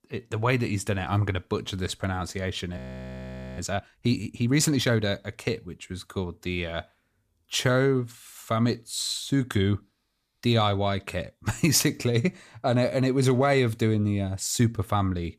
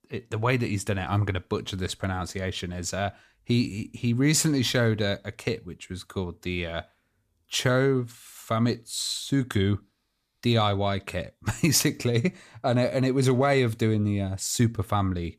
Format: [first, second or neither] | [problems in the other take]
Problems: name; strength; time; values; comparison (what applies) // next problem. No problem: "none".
second | audio freezing; at 3 s for 1 s